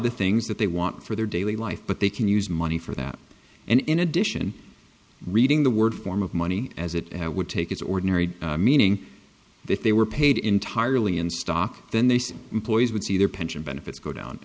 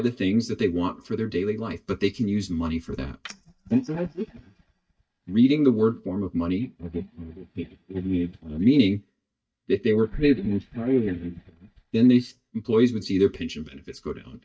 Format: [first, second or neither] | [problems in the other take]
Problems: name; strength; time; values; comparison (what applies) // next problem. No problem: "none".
first | noise reduction (neural mask model DeepFilterNet 3)